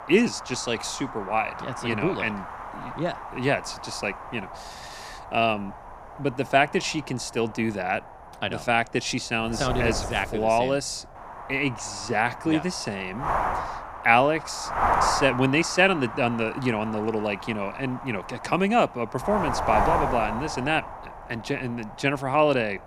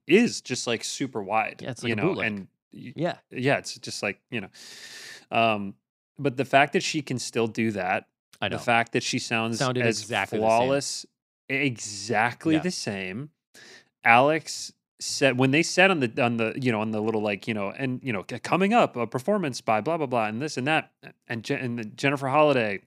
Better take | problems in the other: second | wind noise on the microphone; heavy; 5 dB below the speech

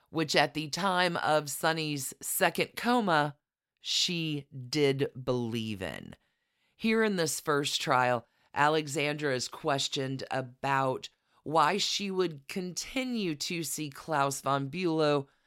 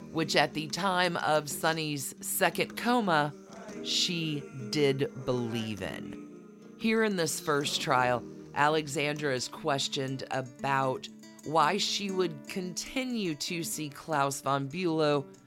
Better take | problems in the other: first | background music; noticeable; throughout; 15 dB below the speech

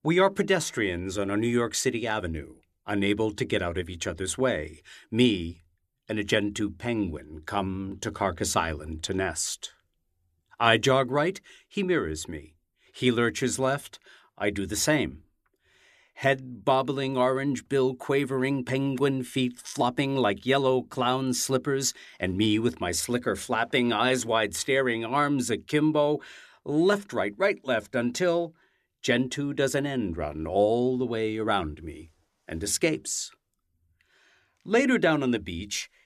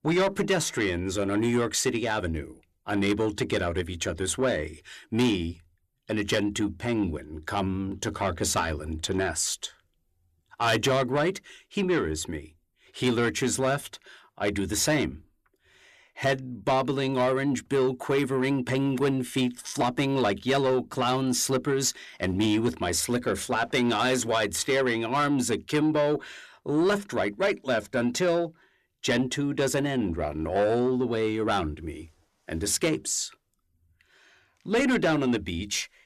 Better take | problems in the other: first | distortion; slight; 10 dB below the speech

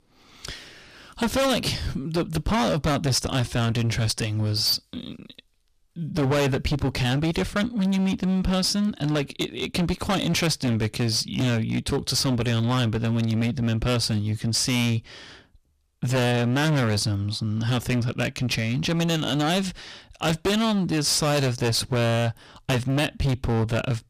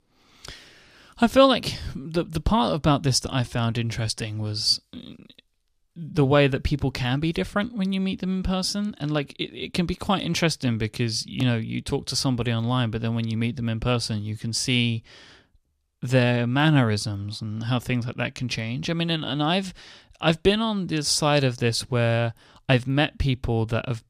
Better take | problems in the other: second | distortion; heavy; 20% of the sound clipped

